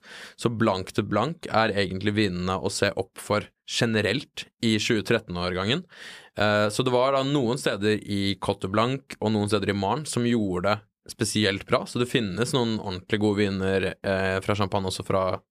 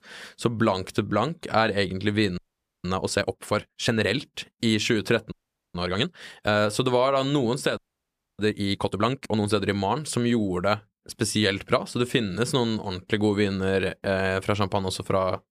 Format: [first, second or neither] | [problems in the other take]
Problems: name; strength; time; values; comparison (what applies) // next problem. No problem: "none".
first | audio freezing; at 2.5 s, at 5.5 s and at 8 s for 0.5 s